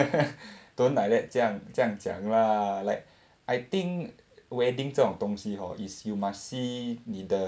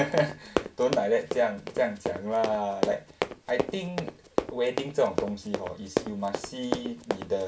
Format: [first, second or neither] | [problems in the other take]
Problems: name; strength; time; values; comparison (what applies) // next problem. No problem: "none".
first | background sound (Run); 4 dB below the speech // room echo; dies away in 0.1 s